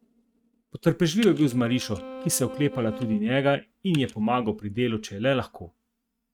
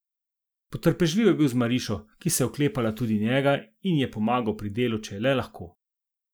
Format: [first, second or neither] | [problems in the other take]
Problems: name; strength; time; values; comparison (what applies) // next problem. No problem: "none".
second | noise reduction (neural mask model RNNoise)